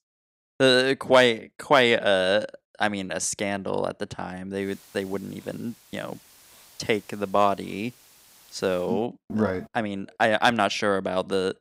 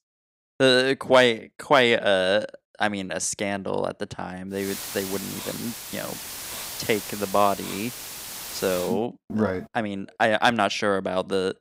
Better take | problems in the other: first | hiss; loud; from 4.5 to 9 s; 9 dB below the speech; faint in the first

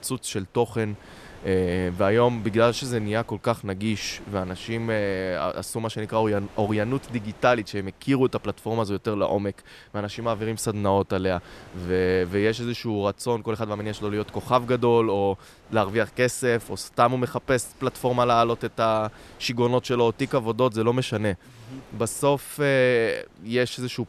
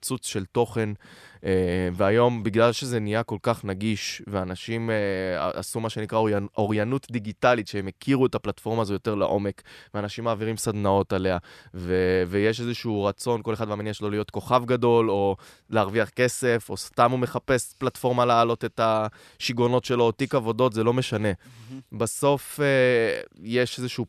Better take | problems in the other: second | wind noise on the microphone; occasional gusts; 25 dB below the speech

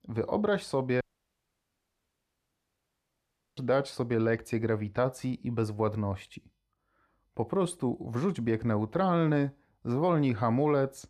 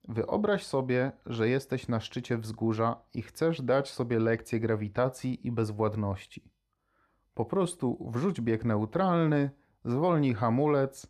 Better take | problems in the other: second | audio cutting out; at 1 s for 2.5 s

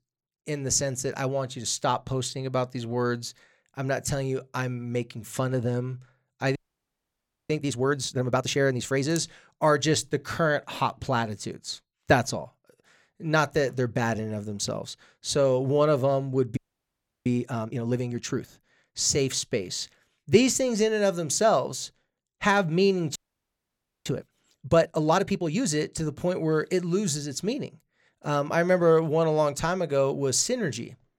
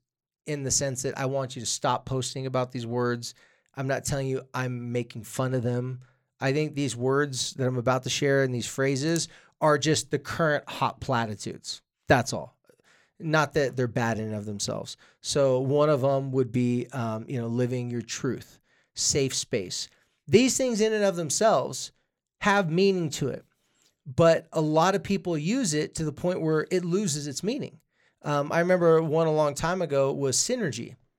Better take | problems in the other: second | audio freezing; at 6.5 s for 1 s, at 17 s for 0.5 s and at 23 s for 1 s

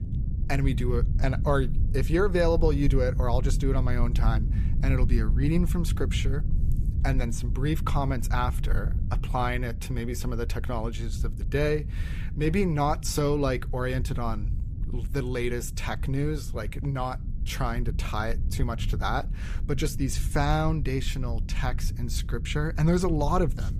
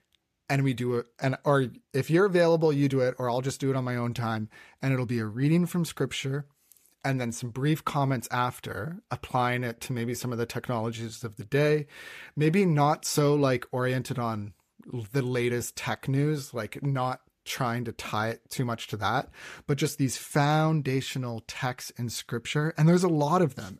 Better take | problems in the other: second | low rumble; noticeable; throughout; 15 dB below the speech

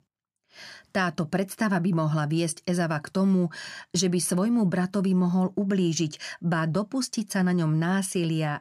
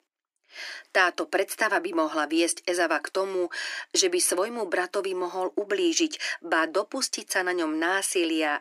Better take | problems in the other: first | thin; very; fading below 300 Hz

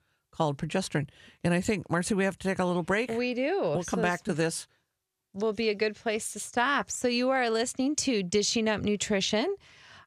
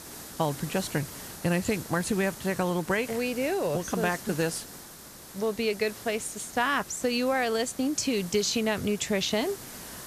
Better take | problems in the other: first | hiss; noticeable; throughout; 15 dB below the speech

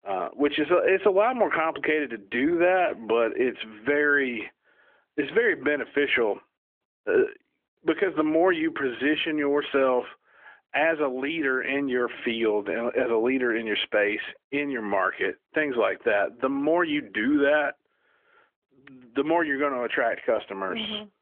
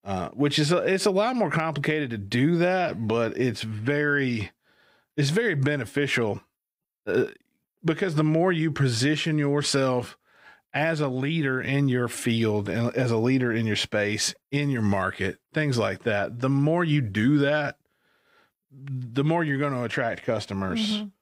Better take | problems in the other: second | phone-call audio; nothing above 3.5 kHz

